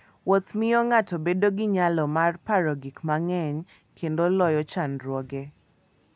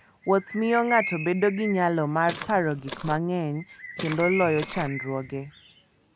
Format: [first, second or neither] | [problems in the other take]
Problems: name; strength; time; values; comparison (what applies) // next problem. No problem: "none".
first | background sound (Walk, footsteps + Bird); 11 dB below the speech